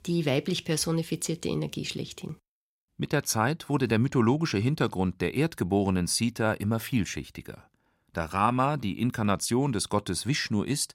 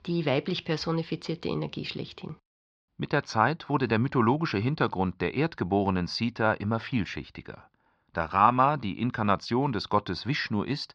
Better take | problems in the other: first | muffled; slightly; fading above 4.5 kHz

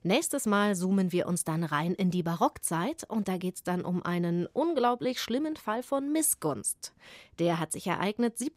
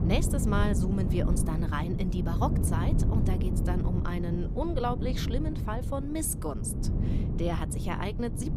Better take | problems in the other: first | wind noise on the microphone; heavy; 6 dB below the speech

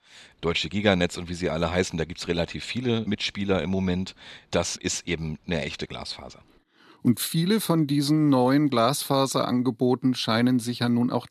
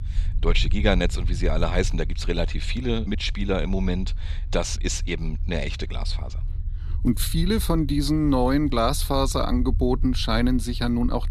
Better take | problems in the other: first | low rumble; faint; throughout; 20 dB below the speech

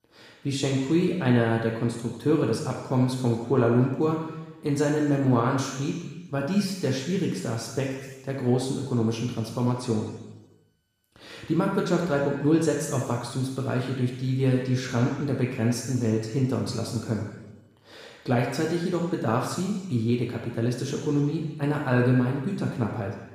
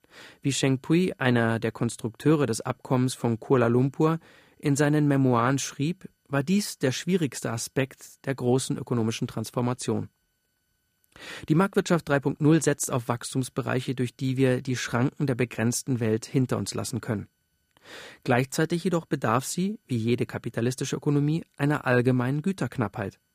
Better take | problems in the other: second | room echo; noticeable; dies away in 1.1 s // off-mic speech; far

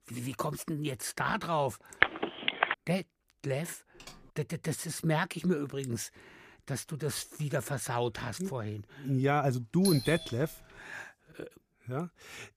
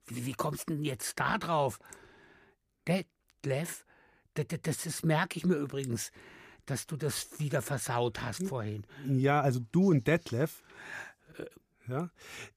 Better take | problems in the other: second | phone ringing; loud; at 2 s; peak 5 dB above the speech // keyboard typing; faint; at 4 s; peak 20 dB below the speech // doorbell; noticeable; at 10 s; peak 1 dB below the speech

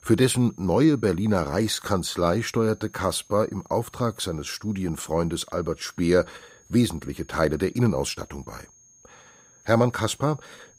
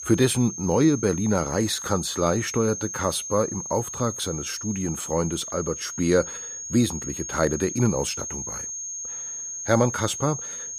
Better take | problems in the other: first | high-pitched whine; loud; throughout; 6.5 kHz, 7 dB below the speech; faint in the first

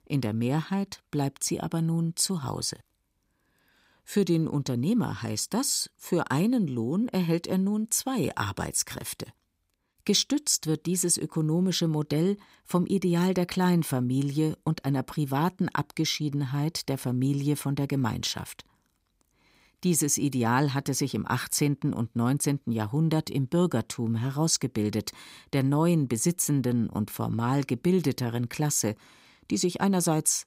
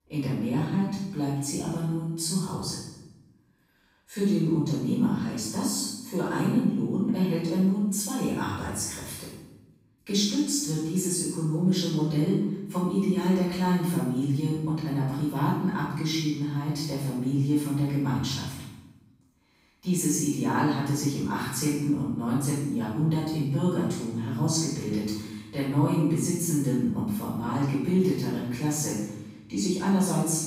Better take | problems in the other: first | off-mic speech; far // room echo; strong; dies away in 0.8 s

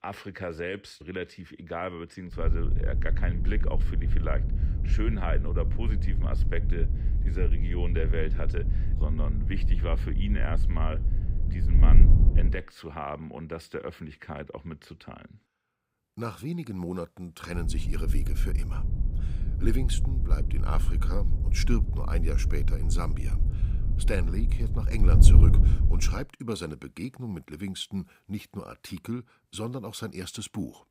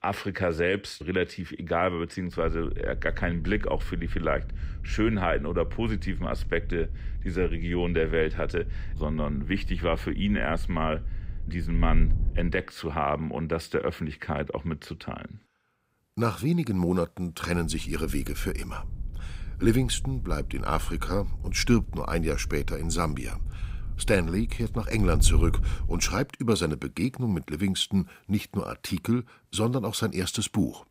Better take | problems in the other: second | wind noise on the microphone; heavy; from 2.5 to 13 s and from 18 to 26 s; 6 dB below the speech; occasional gusts in the second

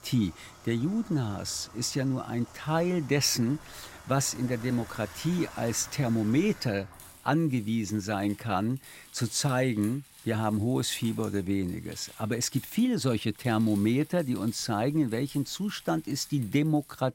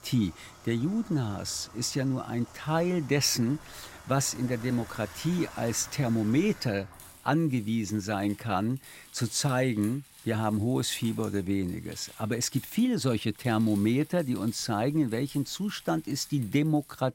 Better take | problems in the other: neither | household noises; noticeable; throughout; 20 dB below the speech; the same in both

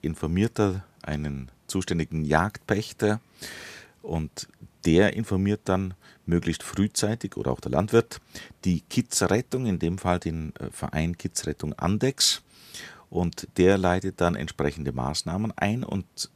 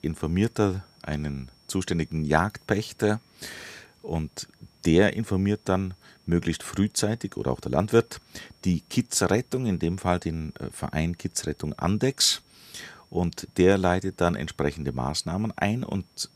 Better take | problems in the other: first | high-pitched whine; faint; throughout; 5.5 kHz, 35 dB below the speech

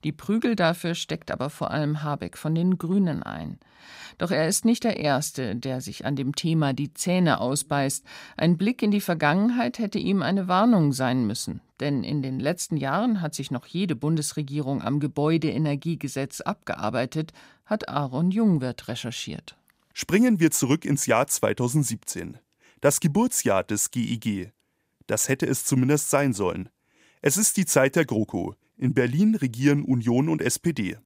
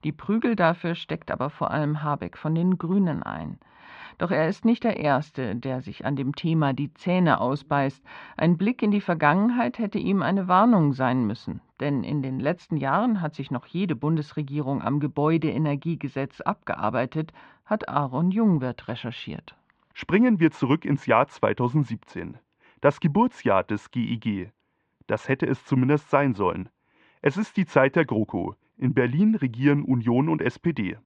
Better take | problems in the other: first | muffled; very; fading above 3 kHz

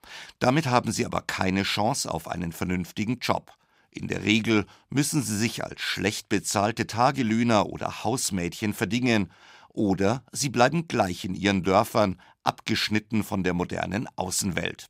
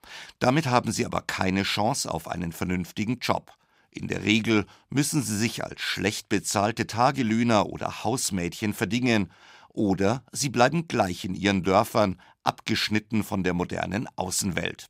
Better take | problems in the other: neither | none

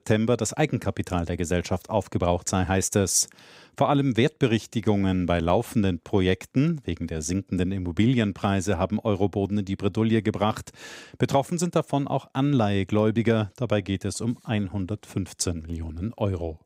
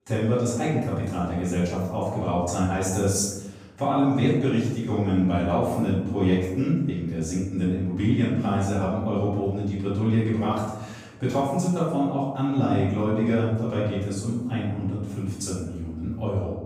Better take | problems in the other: first | off-mic speech; far // room echo; noticeable; dies away in 1 s

